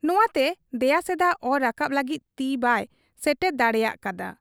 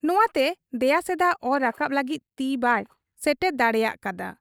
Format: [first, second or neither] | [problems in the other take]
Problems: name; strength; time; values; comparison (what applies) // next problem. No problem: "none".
first | noise reduction (neural mask model DeepFilterNet 3)